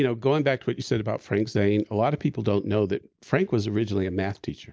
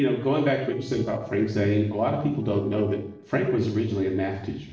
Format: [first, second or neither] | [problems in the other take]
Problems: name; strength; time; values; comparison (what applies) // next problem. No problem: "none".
first | noise reduction (neural separator model SepFormer DNS4)